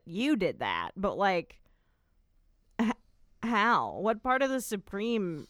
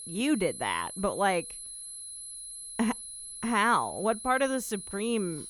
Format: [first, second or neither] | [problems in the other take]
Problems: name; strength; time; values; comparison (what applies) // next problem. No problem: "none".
first | high-pitched whine; noticeable; throughout; 11 kHz, 10 dB below the speech